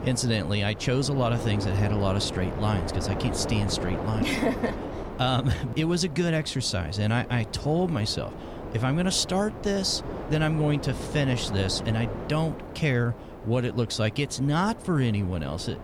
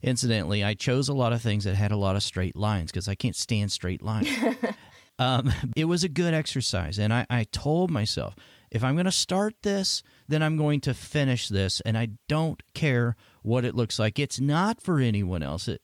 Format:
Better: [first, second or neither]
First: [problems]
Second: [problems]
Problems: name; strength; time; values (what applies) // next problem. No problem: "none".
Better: second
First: wind noise on the microphone; heavy; 8 dB below the speech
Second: none